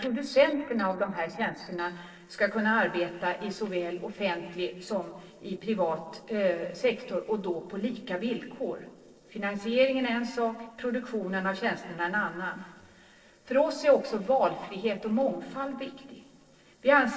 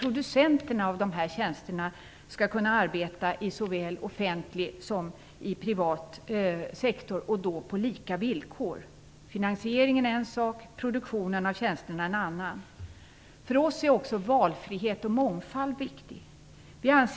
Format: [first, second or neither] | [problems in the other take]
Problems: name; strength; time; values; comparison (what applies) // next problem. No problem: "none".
second | noise reduction (neural separator model SepFormer DNS4)